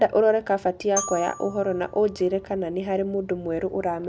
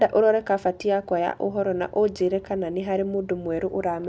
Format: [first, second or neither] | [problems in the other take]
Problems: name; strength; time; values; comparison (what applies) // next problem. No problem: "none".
second | background sound (Glockenspiel); 14 dB below the speech